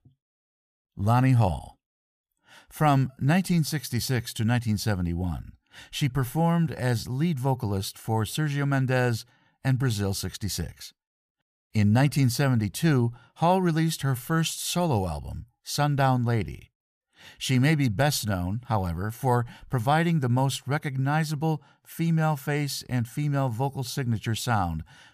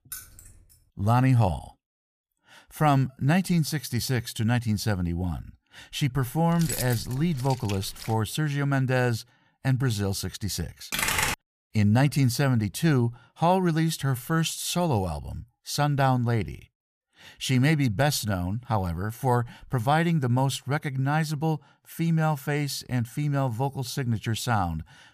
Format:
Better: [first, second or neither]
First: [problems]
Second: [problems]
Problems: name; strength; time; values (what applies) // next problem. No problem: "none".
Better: first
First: none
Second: jangling keys; faint; at the start; peak 15 dB below the speech // jangling keys; noticeable; from 6.5 to 8 s; peak 5 dB below the speech // keyboard typing; loud; at 11 s; peak 2 dB above the speech